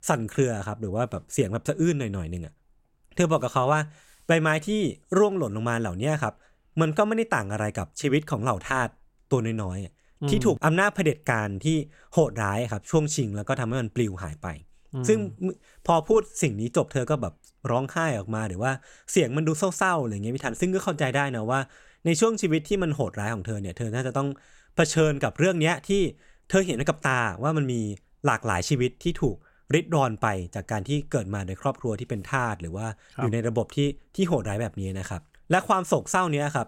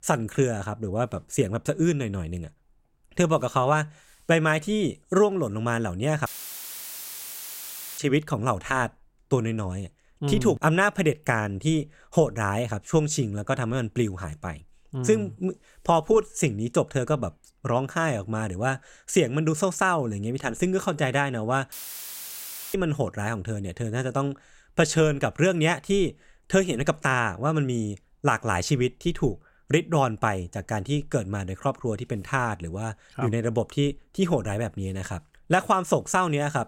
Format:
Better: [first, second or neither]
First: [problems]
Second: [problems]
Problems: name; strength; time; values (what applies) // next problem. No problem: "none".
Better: first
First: none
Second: audio cutting out; filled with static; at 6.5 s for 1.5 s and at 22 s for 1 s